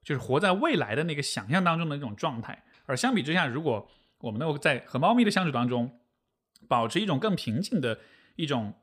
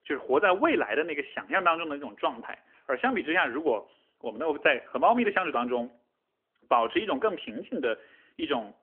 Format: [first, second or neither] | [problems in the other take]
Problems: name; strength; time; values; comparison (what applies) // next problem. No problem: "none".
first | phone-call audio; nothing above 3 kHz